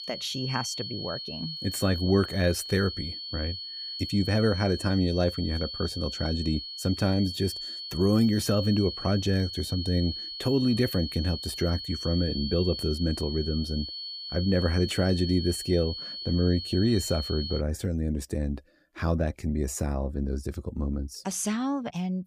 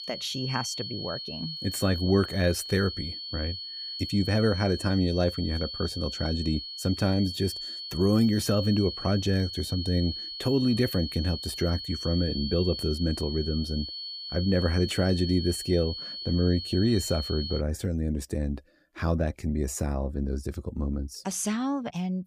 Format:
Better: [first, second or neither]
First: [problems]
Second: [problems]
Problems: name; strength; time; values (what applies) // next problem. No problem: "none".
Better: neither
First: high-pitched whine; loud; until 18 s; 4.5 kHz, 7 dB below the speech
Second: high-pitched whine; loud; until 18 s; 4.5 kHz, 7 dB below the speech